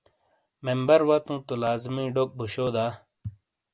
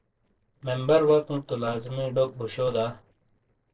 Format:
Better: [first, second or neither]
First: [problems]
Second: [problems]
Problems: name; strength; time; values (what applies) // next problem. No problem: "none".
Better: first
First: none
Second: noise reduction (neural separator model SepFormer DNS4)